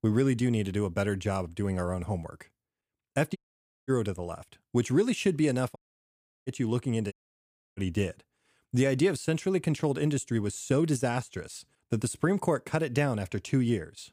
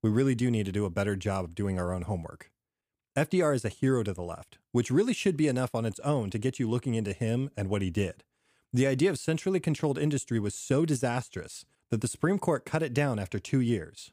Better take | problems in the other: second | audio cutting out; at 3.5 s for 0.5 s, at 6 s for 0.5 s and at 7 s for 0.5 s

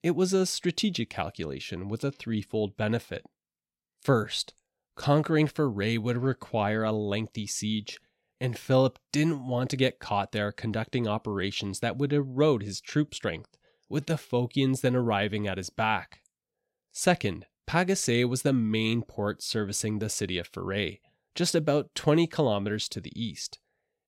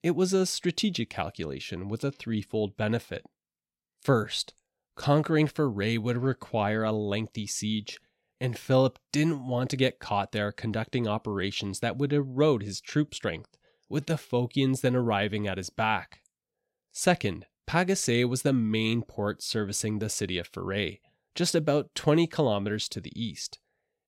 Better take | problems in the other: neither | none

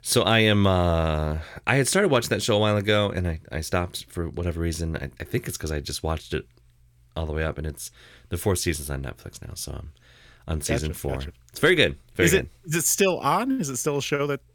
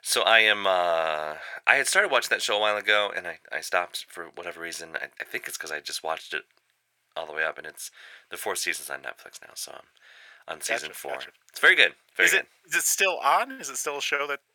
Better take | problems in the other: first | thin; very; fading below 700 Hz

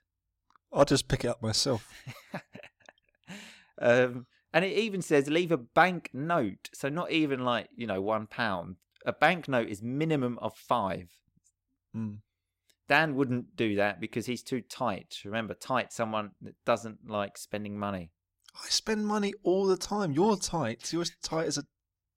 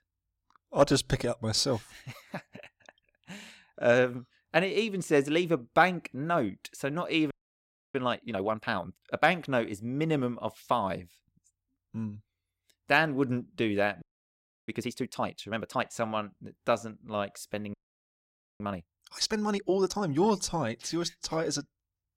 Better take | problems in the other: first | audio freezing; at 7.5 s for 0.5 s, at 14 s for 0.5 s and at 18 s for 1 s

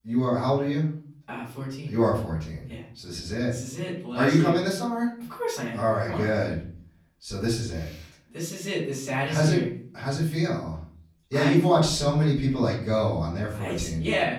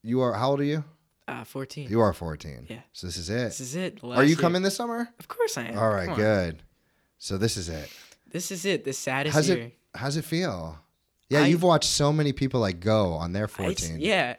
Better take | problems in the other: second | off-mic speech; far // room echo; noticeable; dies away in 0.5 s

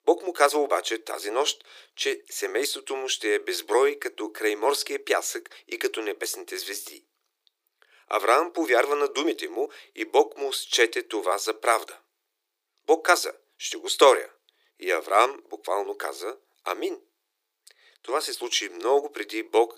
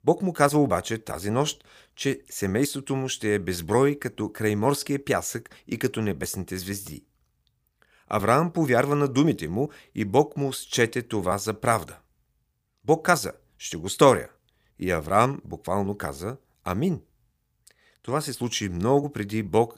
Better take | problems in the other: second | thin; very; fading below 350 Hz

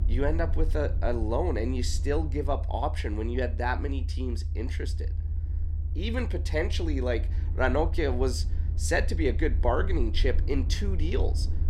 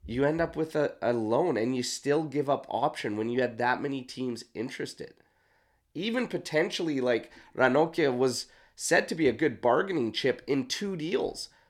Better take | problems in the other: second | low rumble; noticeable; throughout; 15 dB below the speech

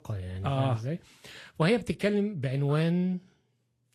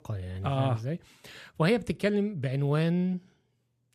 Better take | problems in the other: second | garbled, watery; slightly

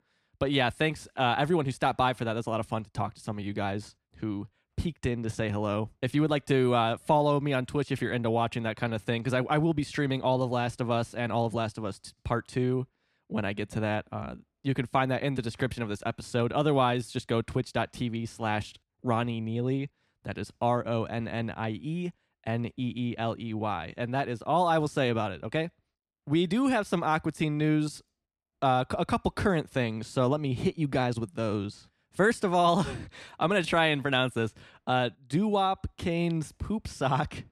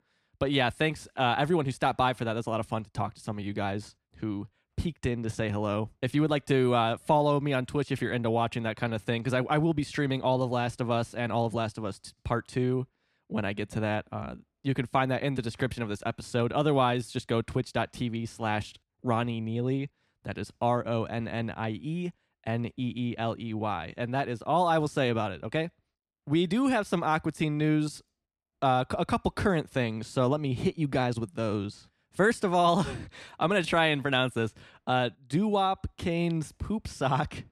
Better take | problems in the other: neither | none

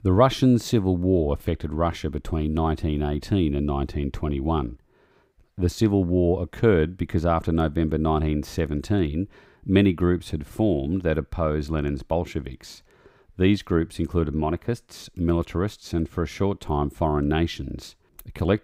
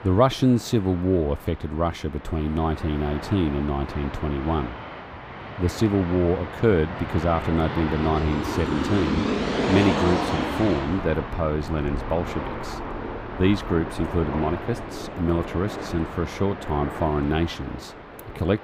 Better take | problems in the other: first | train or aircraft noise; loud; throughout; 6 dB below the speech

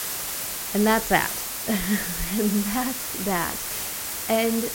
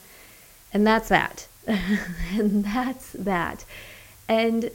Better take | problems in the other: second | hiss; loud; throughout; 3 dB below the speech; faint in the second

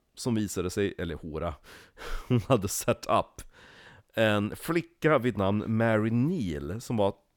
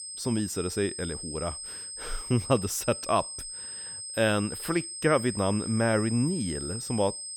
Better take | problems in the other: first | high-pitched whine; loud; throughout; 8.5 kHz, 7 dB below the speech

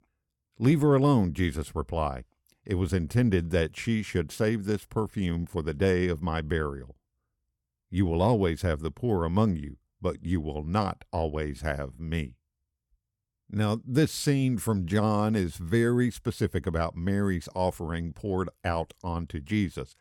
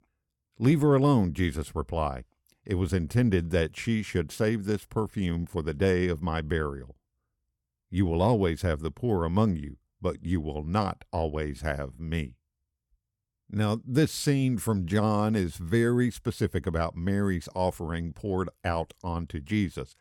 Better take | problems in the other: neither | none

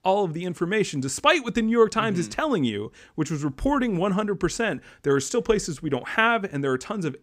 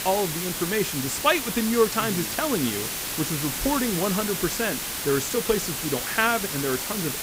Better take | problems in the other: first | hiss; loud; throughout; 2 dB below the speech

